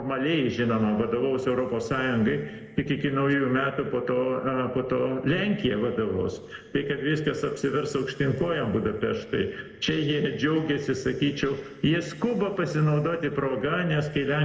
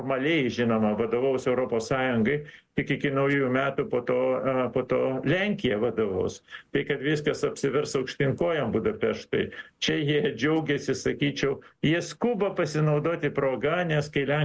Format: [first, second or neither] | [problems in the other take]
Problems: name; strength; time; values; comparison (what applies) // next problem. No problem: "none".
second | room echo; dies away in 1.7 s